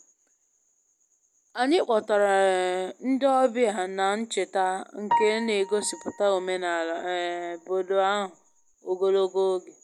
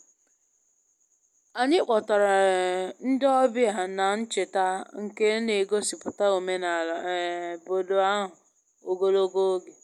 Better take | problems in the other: second | background sound (Piano); 9 dB below the speech

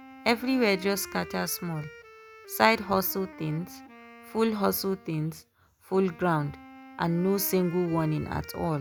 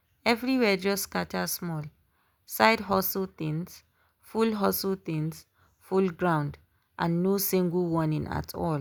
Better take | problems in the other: second | background sound (Wind instrument, woodwind instrument); 18 dB below the speech

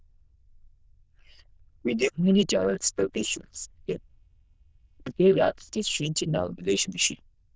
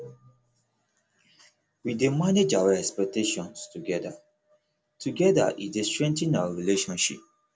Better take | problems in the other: second | noise reduction (neural diffusion model UNIVERSE++)

